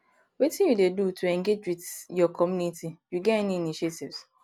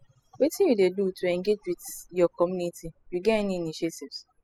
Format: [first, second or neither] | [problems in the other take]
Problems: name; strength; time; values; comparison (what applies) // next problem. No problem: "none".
first | noise reduction (classical method spectral subtraction)